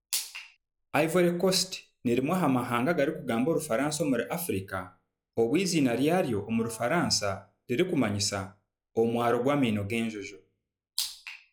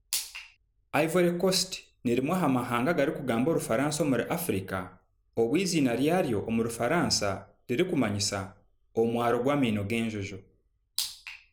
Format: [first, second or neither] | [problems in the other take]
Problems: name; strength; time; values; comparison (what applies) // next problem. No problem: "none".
second | noise reduction (classical method log-MMSE)